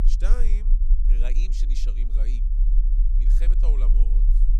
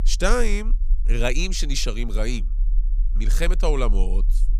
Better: second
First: low rumble; loud; throughout; 6 dB below the speech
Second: low rumble; faint; throughout; 25 dB below the speech

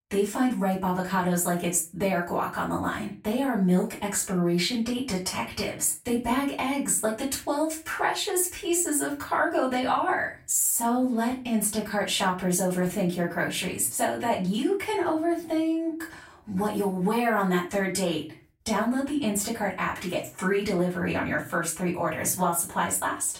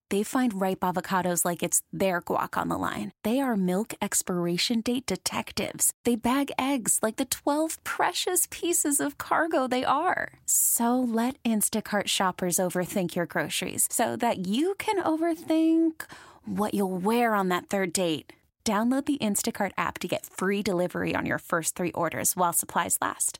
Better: second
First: off-mic speech; far // room echo; slight; dies away in 0.3 s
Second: none

